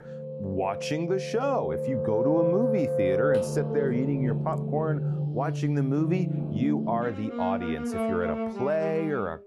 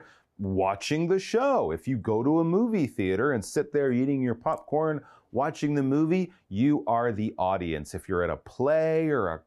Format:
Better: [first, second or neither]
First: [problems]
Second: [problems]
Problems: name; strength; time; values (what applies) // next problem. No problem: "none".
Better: second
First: background music; loud; throughout; as loud as the speech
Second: none